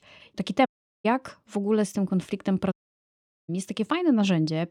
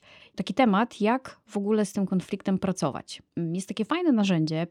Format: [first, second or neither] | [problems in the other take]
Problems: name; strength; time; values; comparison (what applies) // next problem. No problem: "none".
second | audio cutting out; at 0.5 s and at 2.5 s for 1 s